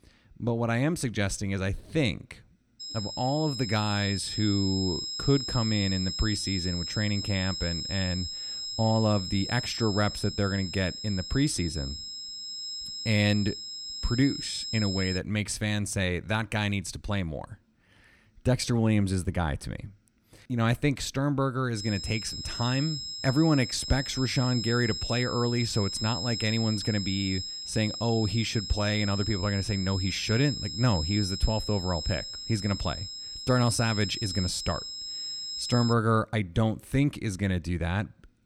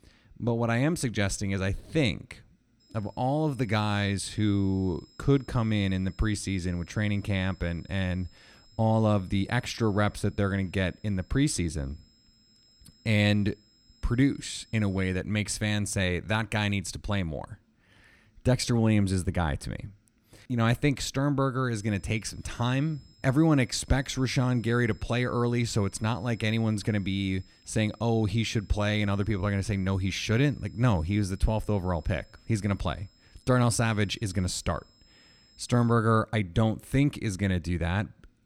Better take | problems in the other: second | high-pitched whine; loud; from 3 to 15 s and from 22 to 36 s; 5 kHz, 5 dB below the speech; faint in the second

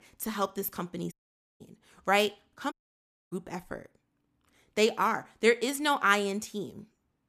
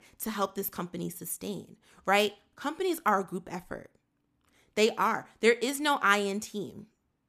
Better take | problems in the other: second | audio cutting out; at 1 s and at 2.5 s for 0.5 s

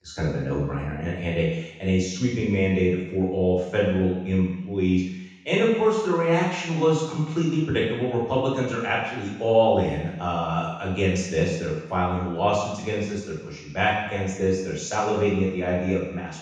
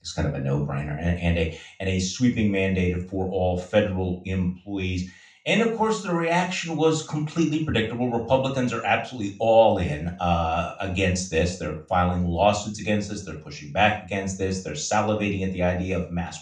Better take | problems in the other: second | room echo; strong; dies away in 1.1 s; slight in the second // off-mic speech; far; far in the second

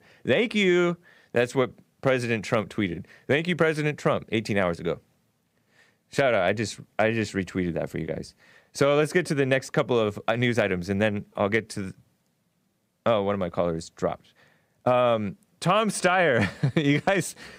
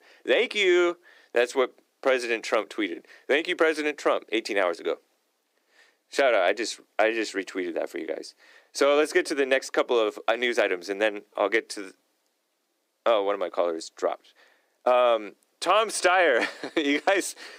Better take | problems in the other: first | thin; somewhat; fading below 300 Hz

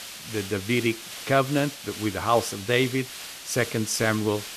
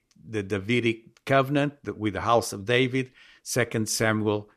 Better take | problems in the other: second | hiss; noticeable; throughout; 10 dB below the speech

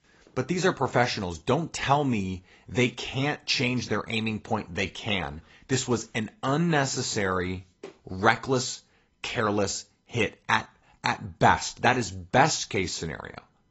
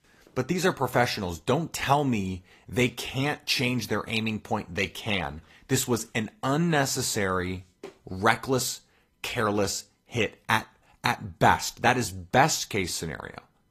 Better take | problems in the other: second | garbled, watery; badly; nothing above 7.5 kHz; slightly in the second

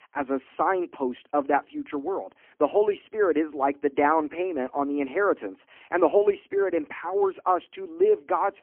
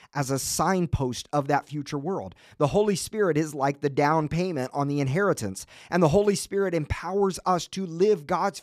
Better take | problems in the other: second | phone-call audio; poor line; nothing above 3 kHz

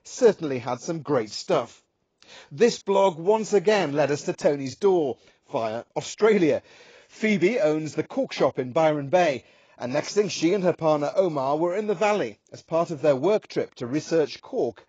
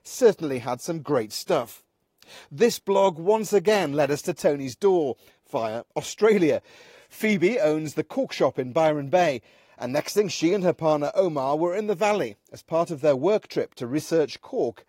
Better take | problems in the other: second | garbled, watery; badly; nothing above 7.5 kHz; slightly in the second

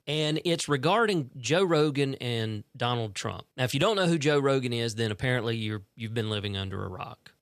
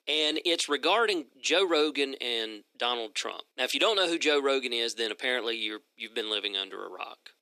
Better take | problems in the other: first | thin; somewhat; fading below 300 Hz

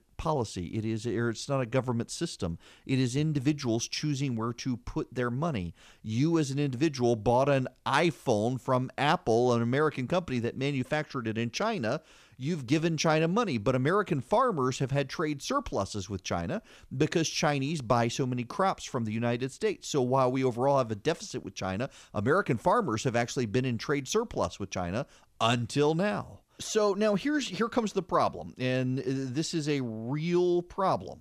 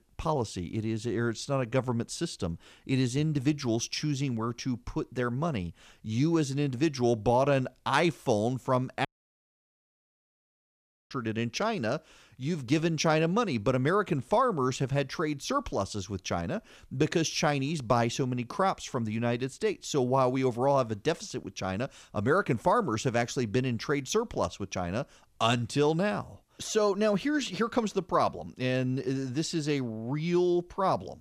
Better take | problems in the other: first | audio cutting out; at 9 s for 2 s

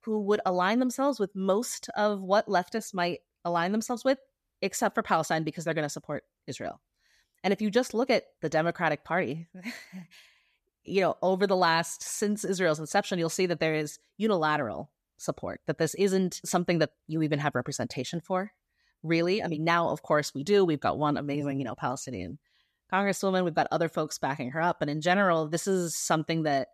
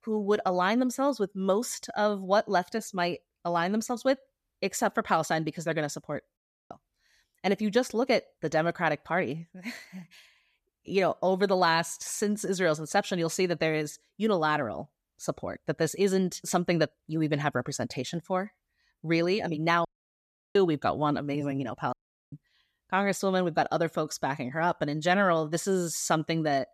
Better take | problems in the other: first | audio cutting out; at 6.5 s, at 20 s for 0.5 s and at 22 s

